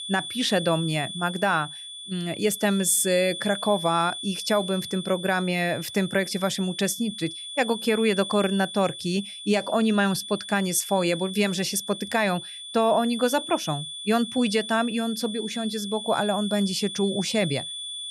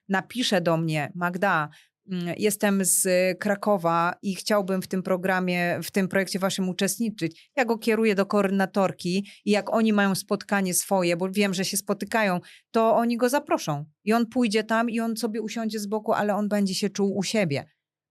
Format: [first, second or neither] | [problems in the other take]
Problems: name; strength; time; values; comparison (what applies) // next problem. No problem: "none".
second | high-pitched whine; loud; throughout; 3.5 kHz, 9 dB below the speech